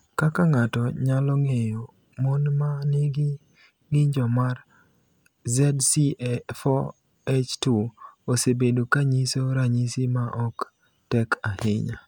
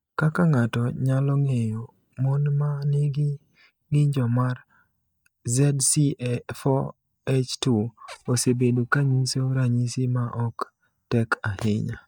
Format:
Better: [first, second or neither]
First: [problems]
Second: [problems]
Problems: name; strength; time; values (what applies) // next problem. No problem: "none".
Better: first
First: none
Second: noise reduction (neural mask model DeepFilterNet 3)